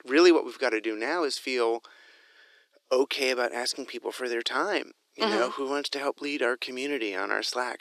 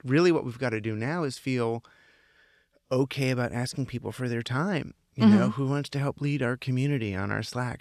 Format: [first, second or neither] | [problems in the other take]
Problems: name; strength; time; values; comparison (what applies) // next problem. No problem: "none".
second | thin; very; fading below 350 Hz